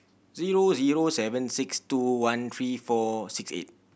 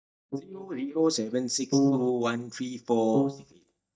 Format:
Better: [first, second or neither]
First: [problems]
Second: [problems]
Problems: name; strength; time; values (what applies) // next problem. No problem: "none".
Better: first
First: none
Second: noise reduction (neural mask model DeepFilterNet 3)